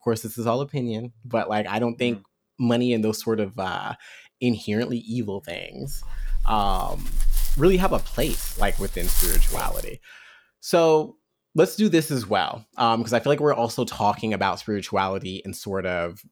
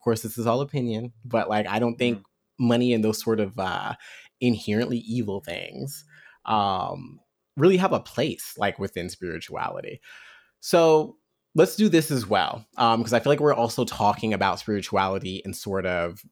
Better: second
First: dog barking; loud; from 6 to 10 s; peak 2 dB above the speech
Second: none

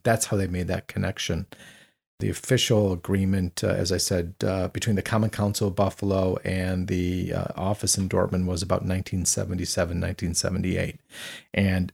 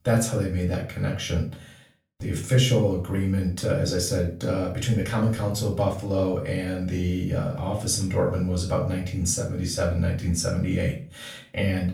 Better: first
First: none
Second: off-mic speech; far // room echo; slight; dies away in 0.3 s

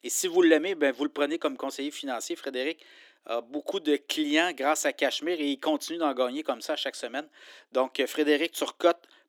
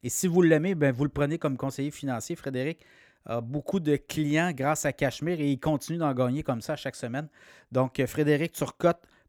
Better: second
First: thin; very slightly; fading below 300 Hz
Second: none

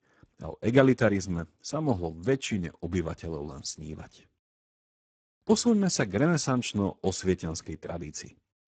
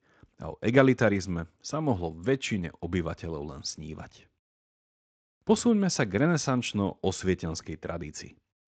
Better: second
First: garbled, watery; badly; nothing above 8 kHz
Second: garbled, watery; slightly; nothing above 8 kHz

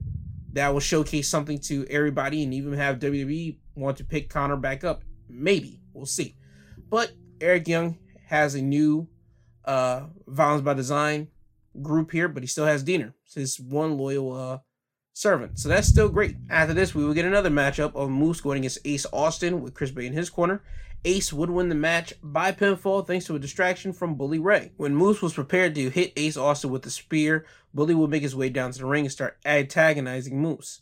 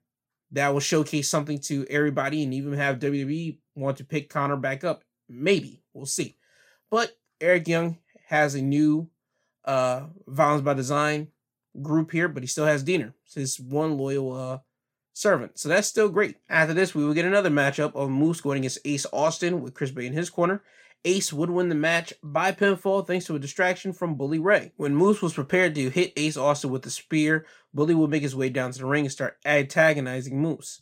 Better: second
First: low rumble; faint; until 12 s and from 15 s on; 20 dB below the speech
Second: none

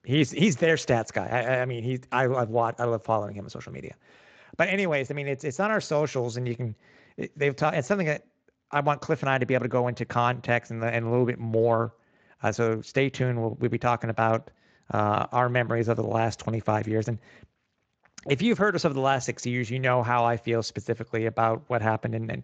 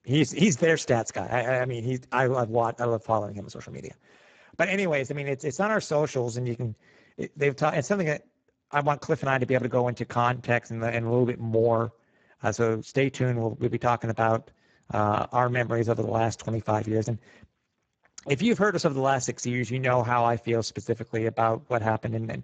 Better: first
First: garbled, watery; slightly; nothing above 7.5 kHz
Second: garbled, watery; badly; nothing above 7.5 kHz

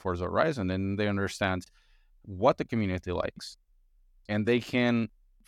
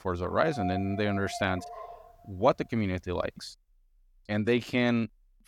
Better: first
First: none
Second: dog barking; noticeable; until 2 s; peak 7 dB below the speech

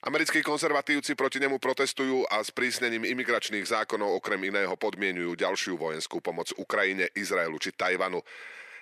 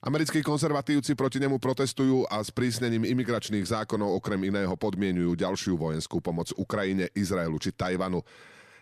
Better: second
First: thin; somewhat; fading below 450 Hz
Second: none

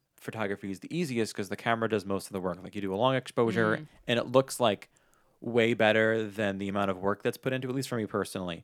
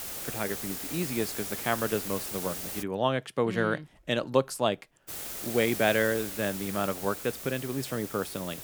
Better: first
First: none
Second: hiss; loud; until 3 s and from 5 s on; 4 dB below the speech

